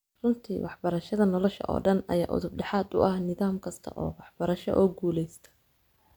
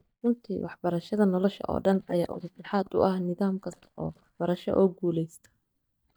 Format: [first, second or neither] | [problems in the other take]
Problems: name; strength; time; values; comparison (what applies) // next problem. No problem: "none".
first | noise reduction (neural mask model DeepFilterNet 3)